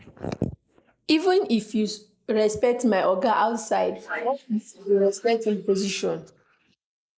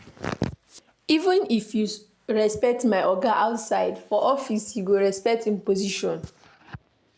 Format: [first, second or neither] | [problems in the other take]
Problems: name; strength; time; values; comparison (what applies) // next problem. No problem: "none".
second | noise reduction (neural mask model Resemble Enhance denoiser)